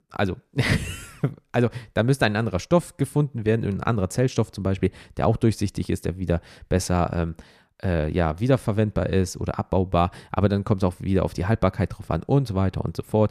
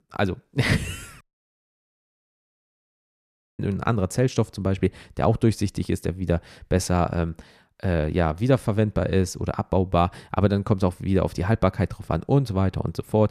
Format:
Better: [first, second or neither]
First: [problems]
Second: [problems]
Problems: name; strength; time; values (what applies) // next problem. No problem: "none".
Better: first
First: none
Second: audio cutting out; at 1 s for 2.5 s